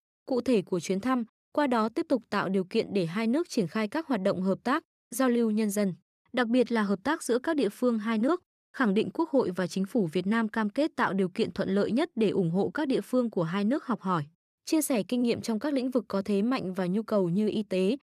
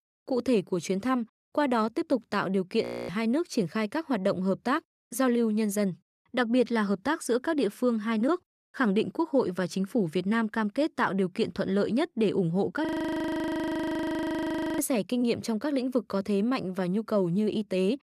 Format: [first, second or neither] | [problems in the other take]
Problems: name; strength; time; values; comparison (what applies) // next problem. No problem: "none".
first | audio freezing; at 3 s and at 13 s for 2 s